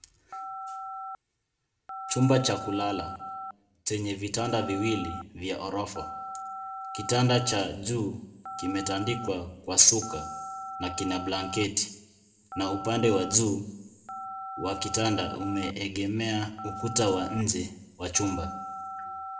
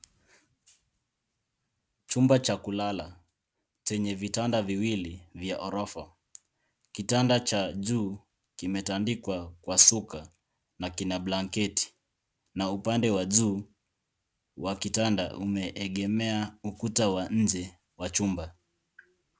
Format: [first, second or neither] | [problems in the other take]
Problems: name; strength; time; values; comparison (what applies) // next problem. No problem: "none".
second | background sound (Telephone); 10 dB below the speech // room echo; dies away in 0.6 s